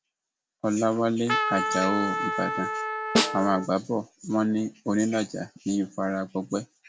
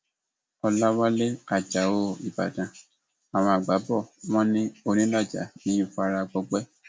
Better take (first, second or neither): second